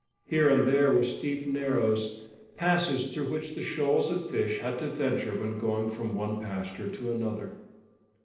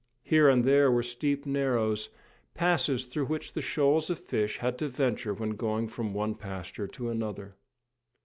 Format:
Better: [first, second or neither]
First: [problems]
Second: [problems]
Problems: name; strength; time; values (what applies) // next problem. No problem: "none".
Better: second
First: noise reduction (neural separator model SepFormer DNS4)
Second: none